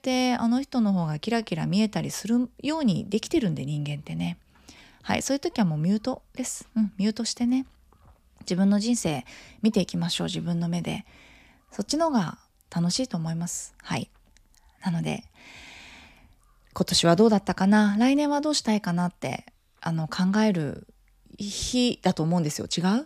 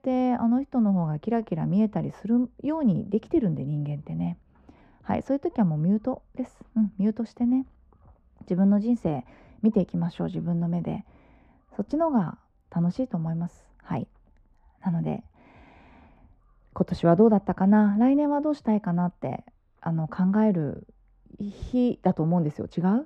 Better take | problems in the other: first | muffled; very; fading above 2.5 kHz

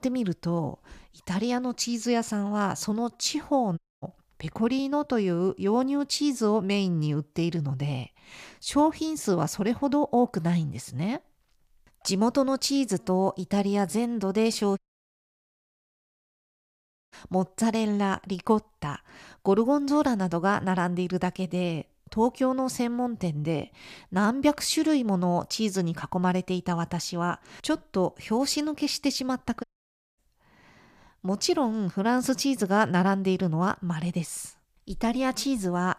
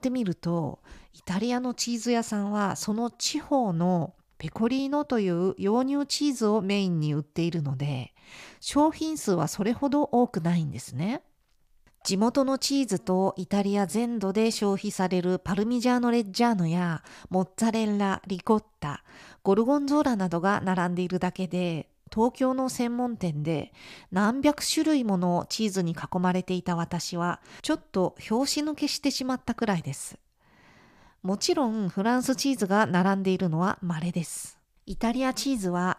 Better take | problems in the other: second | audio cutting out; at 4 s, at 15 s for 2.5 s and at 30 s for 0.5 s

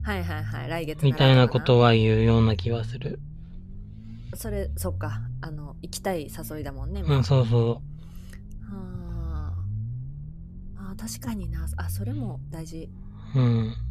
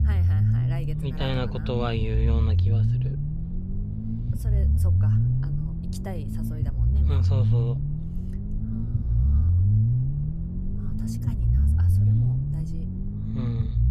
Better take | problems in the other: first | low rumble; loud; throughout; 1 dB below the speech; faint in the first

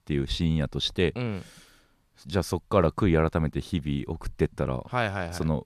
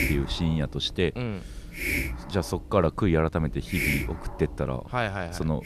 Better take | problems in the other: first | hiss; loud; throughout; 4 dB below the speech

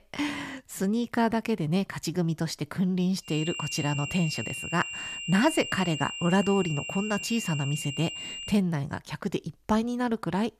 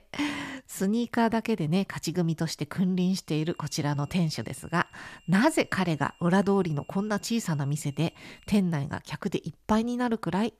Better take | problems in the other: second | high-pitched whine; loud; from 3.5 to 8.5 s; 3 kHz, 6 dB below the speech; faint in the second

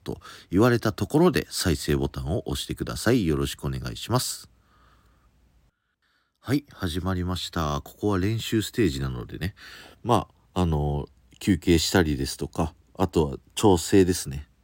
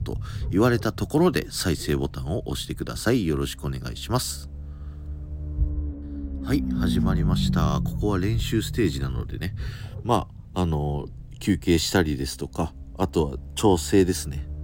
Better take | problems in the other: first | low rumble; noticeable; throughout; 10 dB below the speech

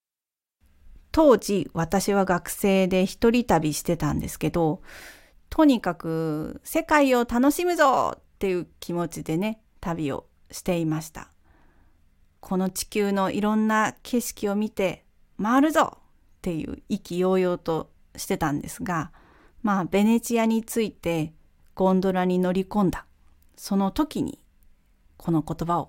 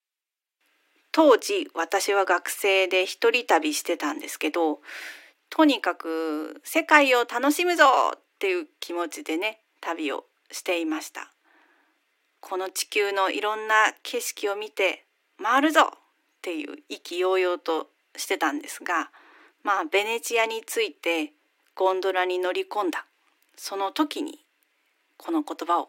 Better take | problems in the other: first | thin; somewhat; fading below 300 Hz

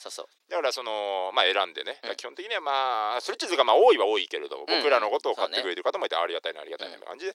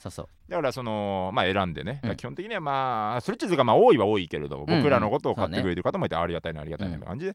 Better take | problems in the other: second | thin; very; fading below 350 Hz

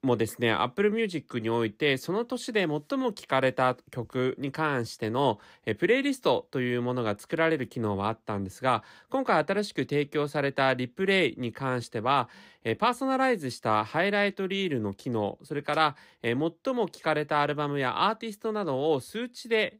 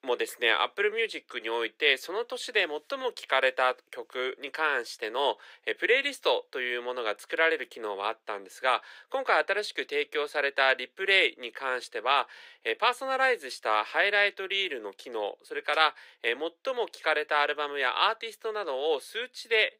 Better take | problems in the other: first | thin; very; fading below 450 Hz

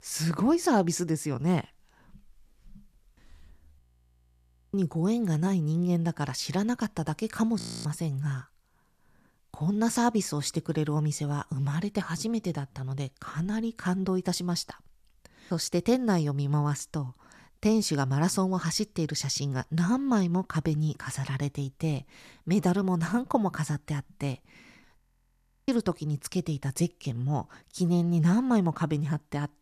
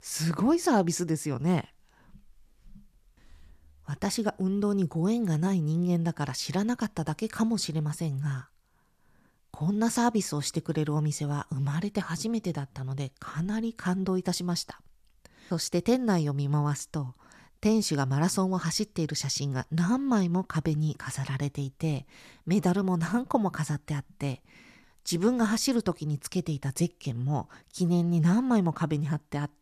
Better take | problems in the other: second | audio freezing; at 4 s for 1 s, at 7.5 s and at 25 s for 0.5 s

